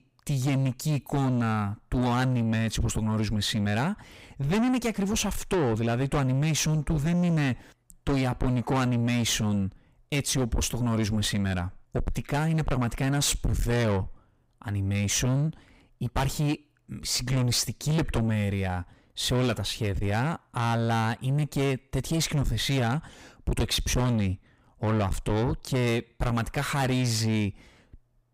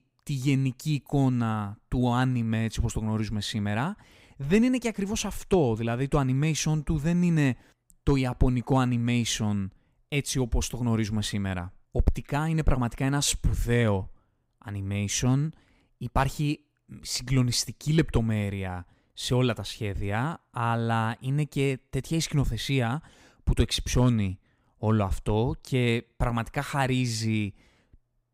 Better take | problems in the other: second | distortion; heavy; 6 dB below the speech

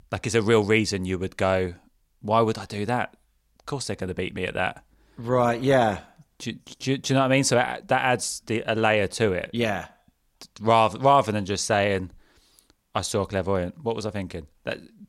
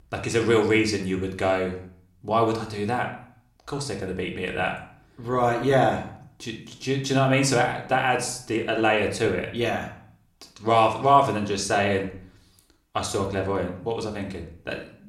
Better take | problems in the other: first | room echo; slight; dies away in 0.5 s // off-mic speech; somewhat distant

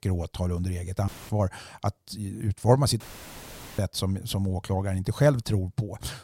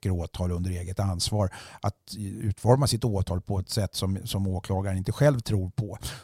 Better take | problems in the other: second | audio cutting out; filled with static; at 1 s and at 3 s for 1 s

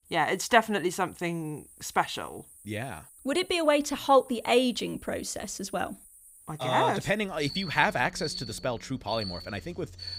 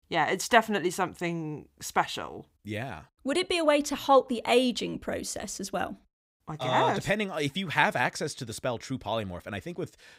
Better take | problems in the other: second | animal sounds; noticeable; throughout; 15 dB below the speech

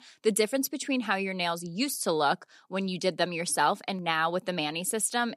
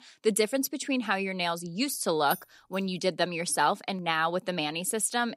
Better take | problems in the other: first | jangling keys; faint; at 2.5 s; peak 10 dB below the speech

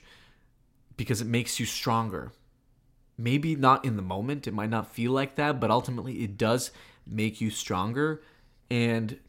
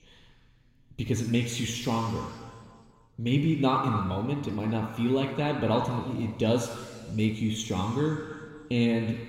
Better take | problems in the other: first | room echo; noticeable; dies away in 1.9 s // off-mic speech; somewhat distant

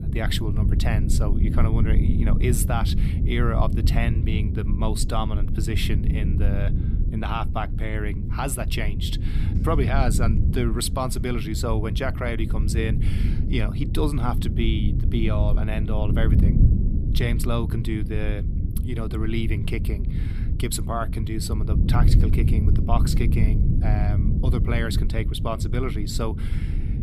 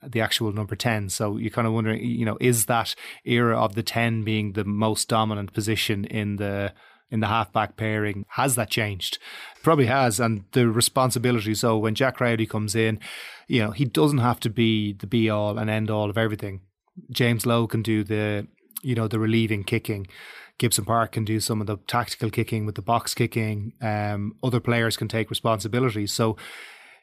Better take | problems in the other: second | low rumble; loud; throughout; 7 dB below the speech

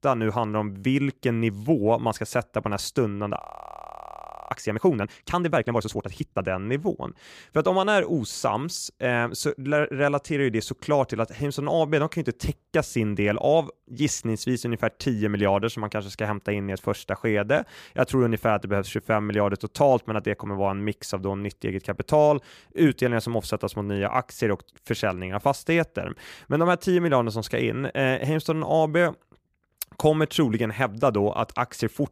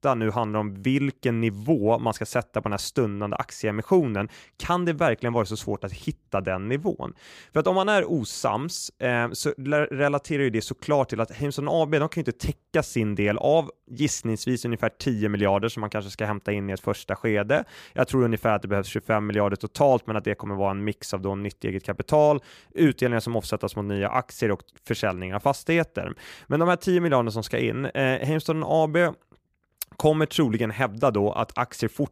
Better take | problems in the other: second | audio freezing; at 3.5 s for 1 s

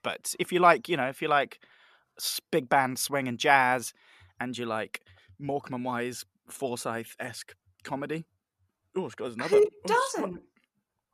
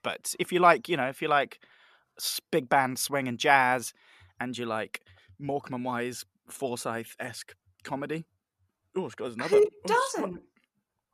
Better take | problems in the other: neither | none

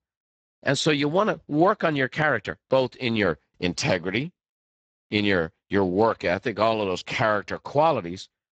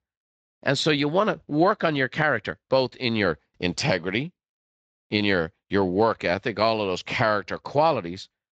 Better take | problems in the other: second | garbled, watery; badly; nothing above 8 kHz; slightly in the second

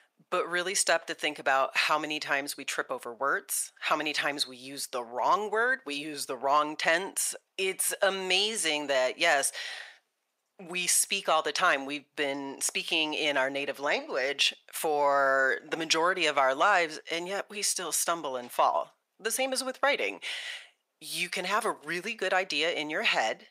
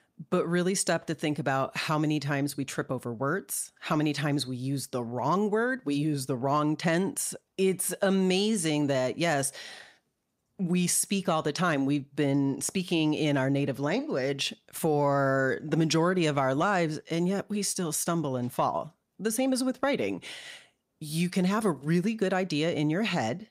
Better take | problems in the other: second | thin; very; fading below 650 Hz

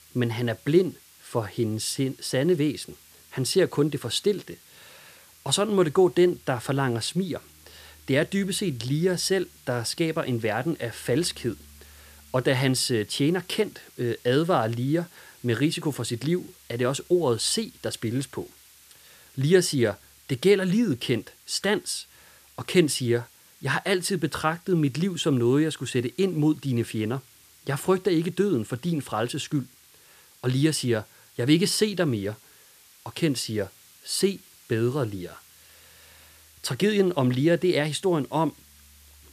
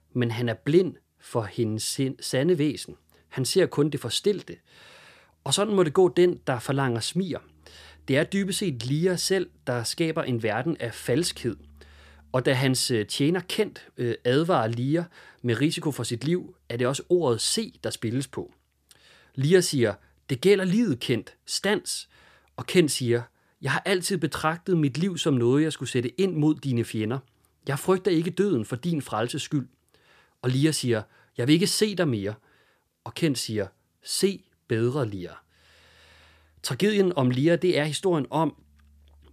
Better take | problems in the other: second | hiss; faint; throughout; 25 dB below the speech

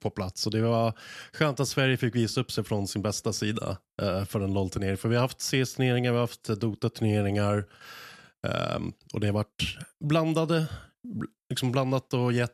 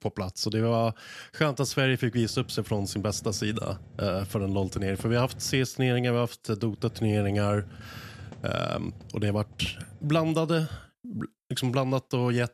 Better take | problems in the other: first | hiss; noticeable; from 2 to 5.5 s and from 7 to 10 s; 20 dB below the speech

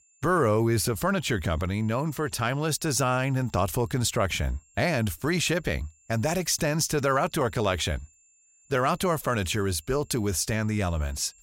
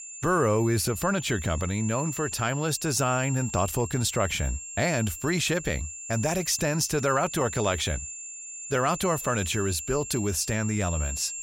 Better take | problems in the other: first | high-pitched whine; loud; throughout; 7.5 kHz, 9 dB below the speech; faint in the first

